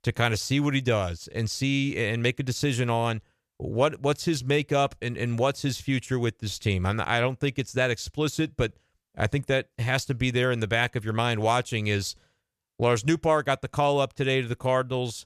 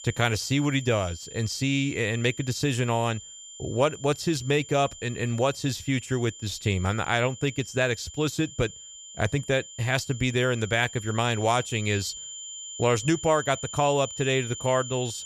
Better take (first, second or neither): first